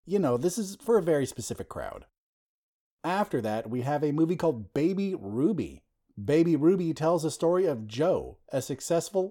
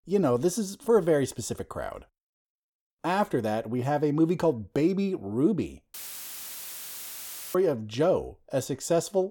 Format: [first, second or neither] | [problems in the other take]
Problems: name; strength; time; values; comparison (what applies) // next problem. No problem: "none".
first | audio cutting out; filled with static; at 6 s for 1.5 s